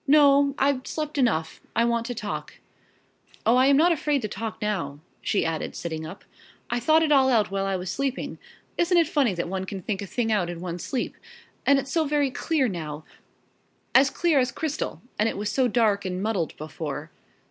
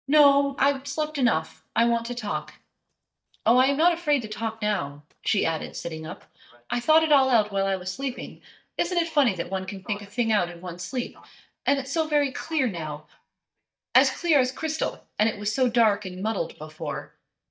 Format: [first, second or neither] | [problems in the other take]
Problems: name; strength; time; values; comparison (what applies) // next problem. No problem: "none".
first | noise reduction (neural mask model DeepFilterNet 3)